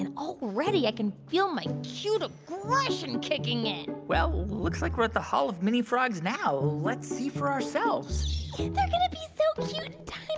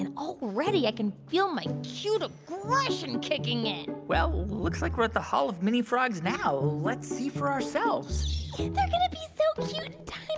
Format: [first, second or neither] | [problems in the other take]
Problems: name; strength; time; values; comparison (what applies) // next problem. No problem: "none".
first | background sound (Bowed string instrument); 16 dB below the speech